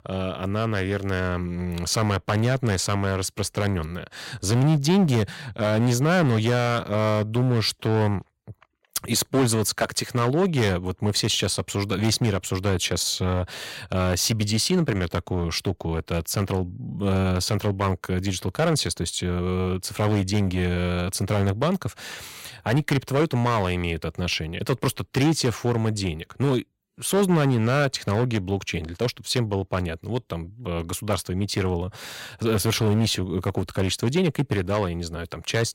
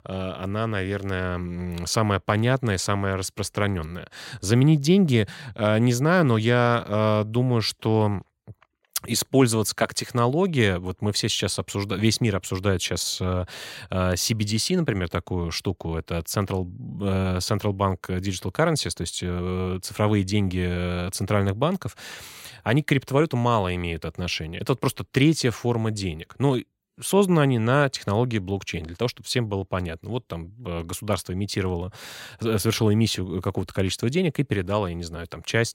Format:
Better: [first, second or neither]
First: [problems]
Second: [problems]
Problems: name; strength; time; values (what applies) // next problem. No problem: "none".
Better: second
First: distortion; slight; 7% of the sound clipped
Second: none